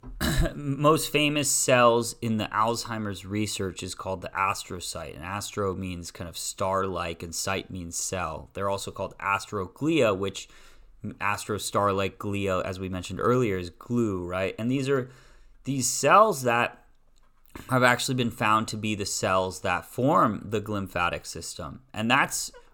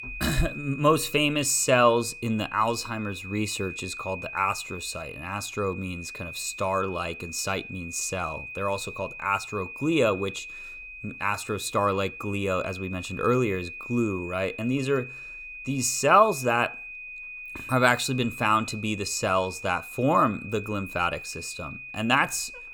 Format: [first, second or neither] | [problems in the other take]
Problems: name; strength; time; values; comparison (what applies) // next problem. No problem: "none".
first | high-pitched whine; noticeable; throughout; 2.5 kHz, 10 dB below the speech